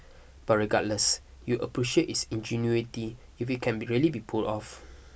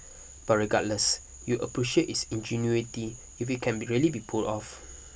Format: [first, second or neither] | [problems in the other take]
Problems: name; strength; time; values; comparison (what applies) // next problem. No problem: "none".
first | background sound (Frog); 19 dB below the speech